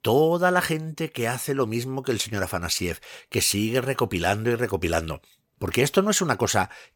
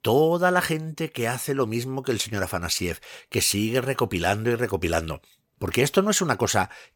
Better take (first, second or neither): neither